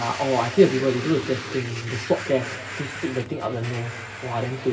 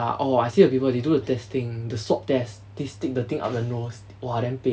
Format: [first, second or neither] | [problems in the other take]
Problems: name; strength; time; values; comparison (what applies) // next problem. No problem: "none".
second | background sound (Domestic sounds, home sounds); 11 dB below the speech // room echo; dies away in 2 s